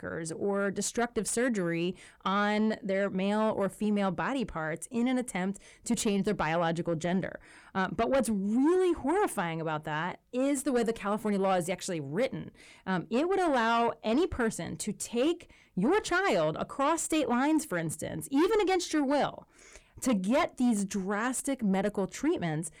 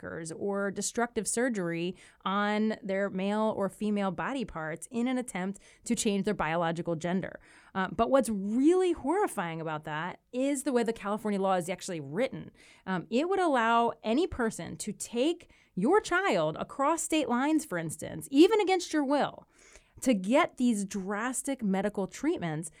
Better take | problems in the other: second | distortion; slight; 10 dB below the speech

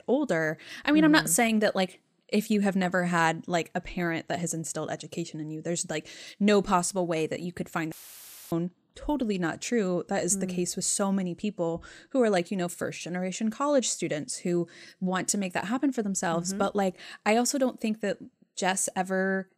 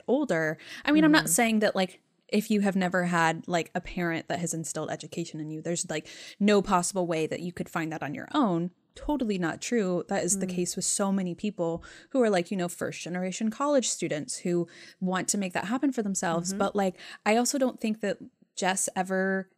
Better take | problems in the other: second | audio cutting out; filled with static; at 8 s for 0.5 s

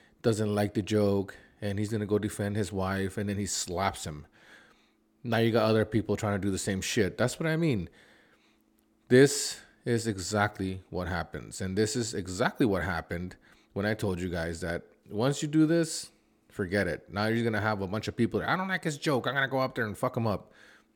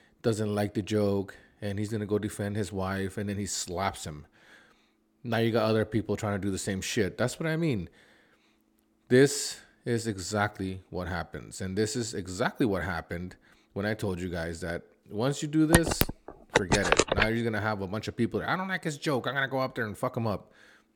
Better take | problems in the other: first | phone ringing; loud; from 16 to 17 s; peak 6 dB above the speech

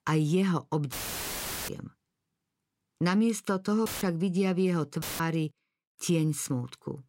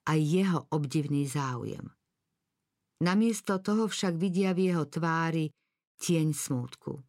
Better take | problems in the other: second | audio cutting out; filled with static; at 1 s for 1 s, at 4 s and at 5 s

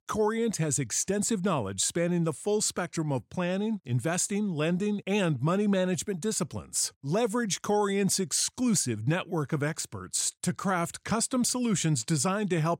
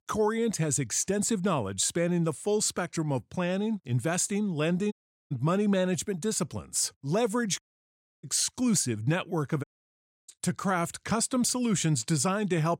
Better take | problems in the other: first | audio cutting out; at 5 s, at 7.5 s for 0.5 s and at 9.5 s for 0.5 s

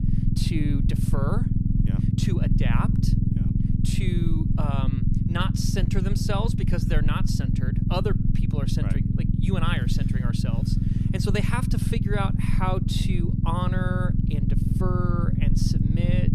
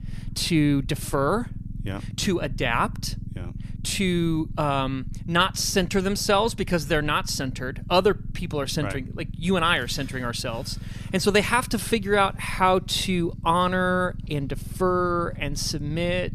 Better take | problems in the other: second | low rumble; loud; throughout; 2 dB below the speech; faint in the second

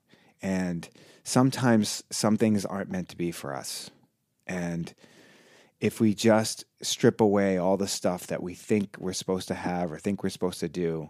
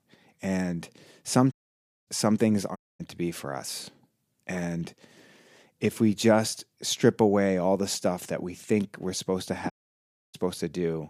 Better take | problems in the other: first | audio cutting out; at 1.5 s for 0.5 s, at 3 s and at 9.5 s for 0.5 s

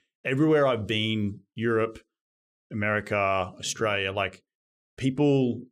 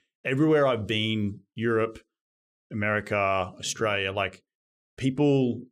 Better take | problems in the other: neither | none

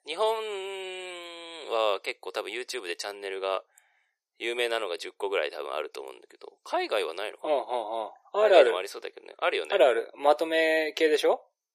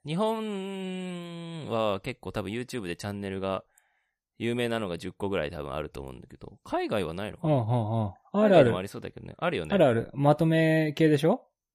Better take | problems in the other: second | thin; very; fading below 400 Hz

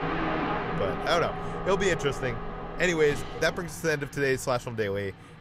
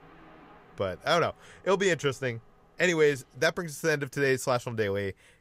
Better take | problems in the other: second | train or aircraft noise; loud; throughout; 5 dB below the speech; faint in the second

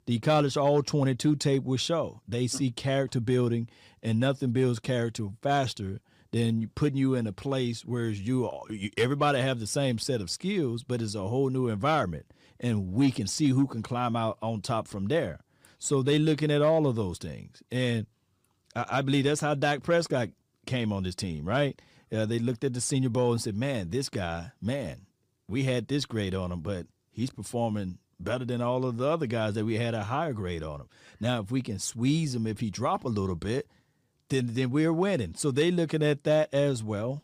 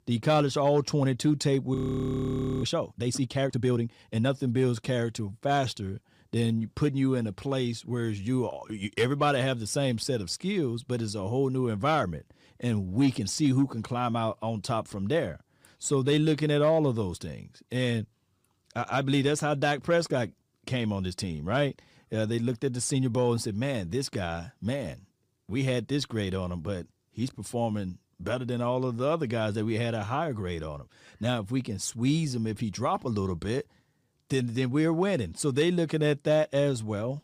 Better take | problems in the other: first | audio freezing; at 2 s for 1 s

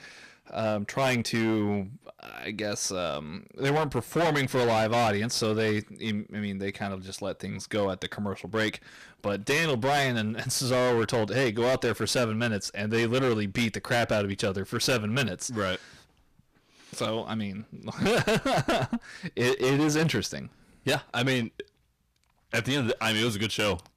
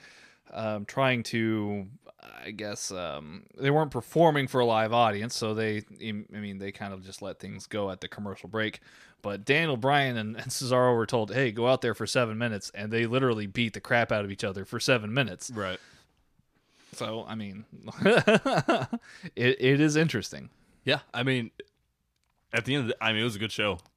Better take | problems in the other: second | distortion; heavy; 13% of the sound clipped

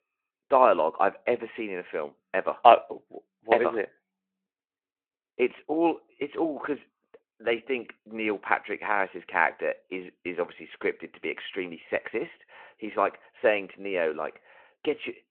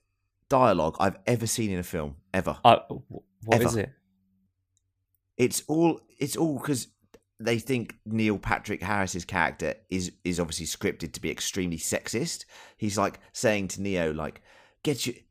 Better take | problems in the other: second | phone-call audio

